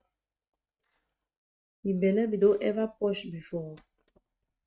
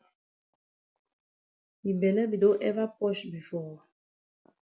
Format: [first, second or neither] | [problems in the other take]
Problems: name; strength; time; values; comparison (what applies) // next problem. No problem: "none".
second | noise reduction (neural mask model RNNoise)